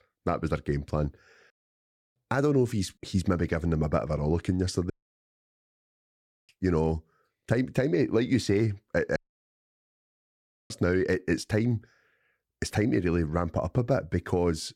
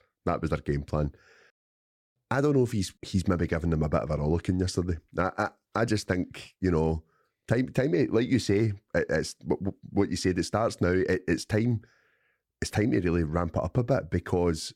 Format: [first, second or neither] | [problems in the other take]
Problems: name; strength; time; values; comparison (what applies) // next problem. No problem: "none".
second | audio cutting out; at 5 s for 1.5 s and at 9 s for 1.5 s